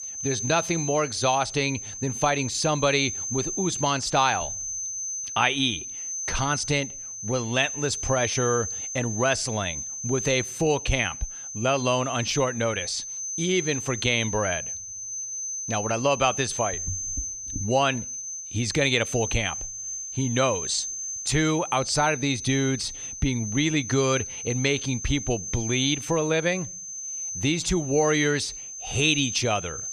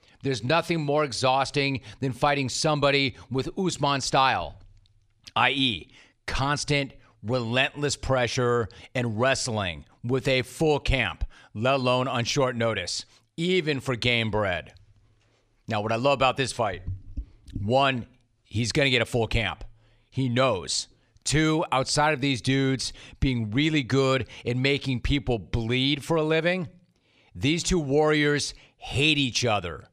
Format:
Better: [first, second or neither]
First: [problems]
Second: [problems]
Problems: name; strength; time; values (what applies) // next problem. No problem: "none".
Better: second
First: high-pitched whine; loud; throughout; 6.5 kHz, 6 dB below the speech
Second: none